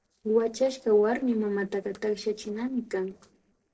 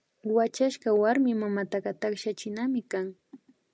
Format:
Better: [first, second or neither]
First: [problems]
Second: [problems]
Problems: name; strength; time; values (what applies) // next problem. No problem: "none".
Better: second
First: noise reduction (neural separator model SepFormer DNS4)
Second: none